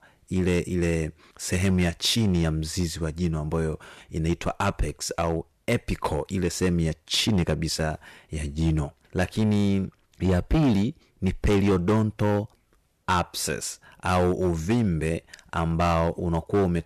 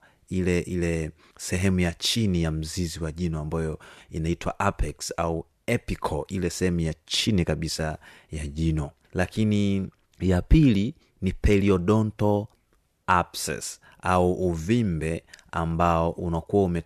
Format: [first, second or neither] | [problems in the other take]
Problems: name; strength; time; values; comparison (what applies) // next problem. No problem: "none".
second | distortion; slight; 6% of the sound clipped